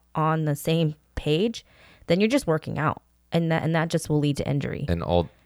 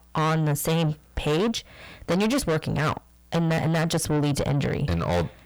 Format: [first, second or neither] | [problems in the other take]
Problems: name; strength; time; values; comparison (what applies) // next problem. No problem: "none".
first | distortion; heavy; 6 dB below the speech